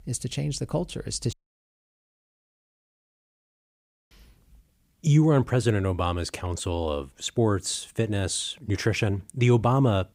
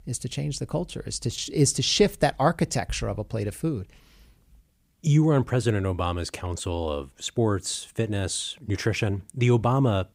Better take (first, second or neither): second